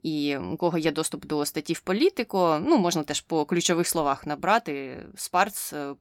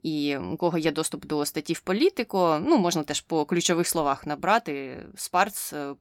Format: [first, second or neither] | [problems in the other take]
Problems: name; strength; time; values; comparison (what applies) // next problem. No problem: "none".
neither | none